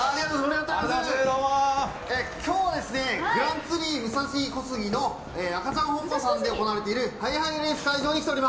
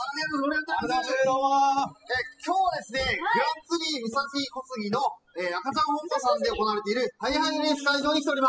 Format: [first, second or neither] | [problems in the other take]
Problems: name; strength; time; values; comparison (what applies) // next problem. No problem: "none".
first | noise reduction (classical method spectral subtraction)